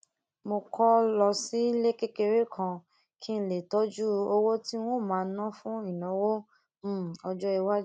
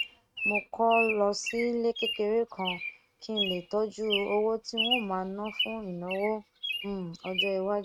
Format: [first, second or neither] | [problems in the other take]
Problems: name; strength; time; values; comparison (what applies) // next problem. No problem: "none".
first | noise reduction (neural mask model RNNoise)